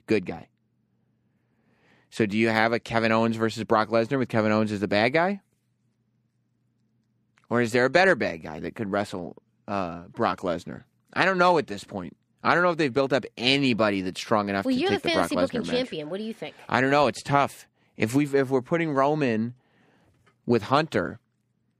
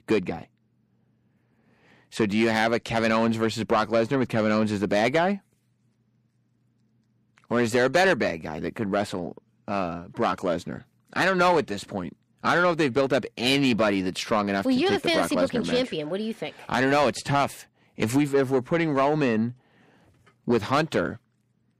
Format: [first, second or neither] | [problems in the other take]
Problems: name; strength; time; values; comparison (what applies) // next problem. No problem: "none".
first | distortion; slight; 10 dB below the speech